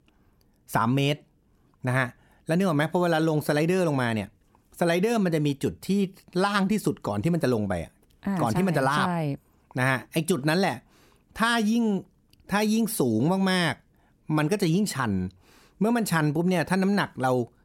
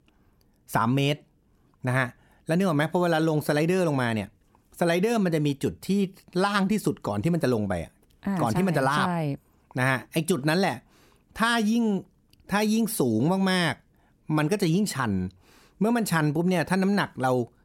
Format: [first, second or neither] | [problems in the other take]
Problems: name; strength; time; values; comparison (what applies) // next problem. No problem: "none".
neither | none